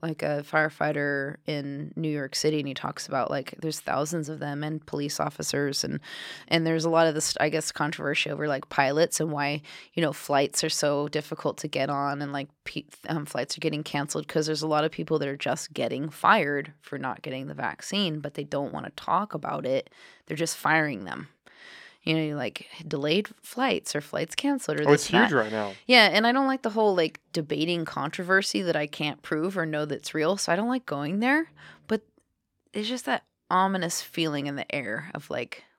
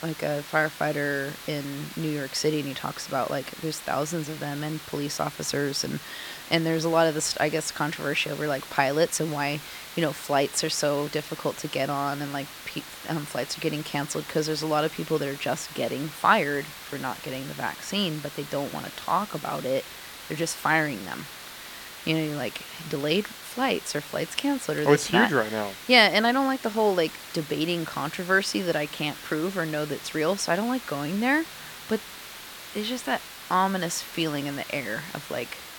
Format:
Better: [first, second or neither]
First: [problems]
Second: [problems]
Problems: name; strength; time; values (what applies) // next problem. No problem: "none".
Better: first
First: none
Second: hiss; noticeable; throughout; 15 dB below the speech